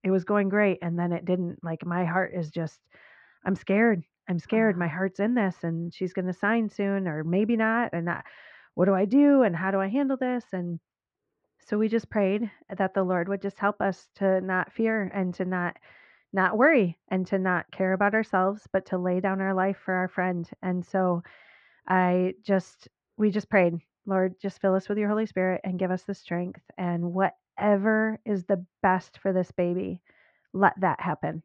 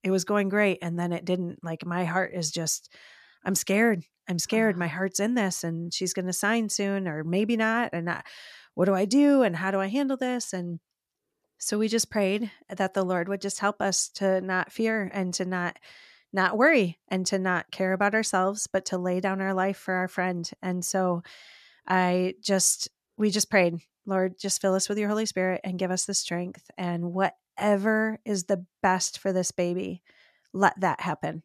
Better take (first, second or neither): second